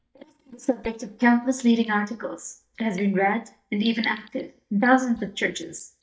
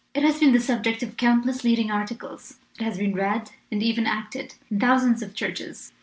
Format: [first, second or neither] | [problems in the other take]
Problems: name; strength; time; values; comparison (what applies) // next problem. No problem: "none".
second | noise reduction (neural mask model DeepFilterNet 3)